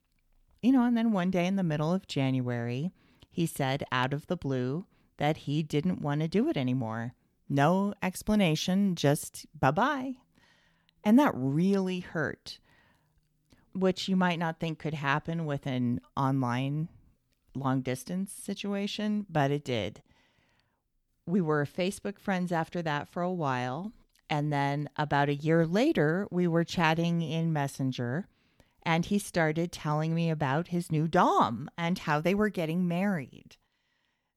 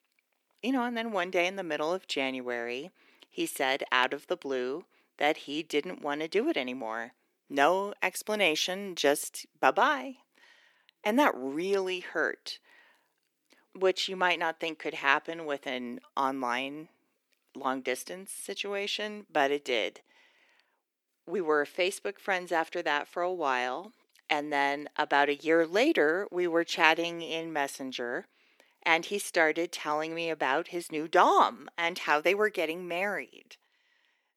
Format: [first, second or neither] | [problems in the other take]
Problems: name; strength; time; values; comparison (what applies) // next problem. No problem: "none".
first | thin; somewhat; fading below 350 Hz